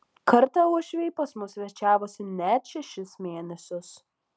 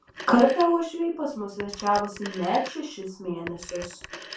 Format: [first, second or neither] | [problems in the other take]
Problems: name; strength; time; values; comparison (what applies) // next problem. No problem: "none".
first | background sound (Telephone); 16 dB below the speech // room echo; dies away in 0.2 s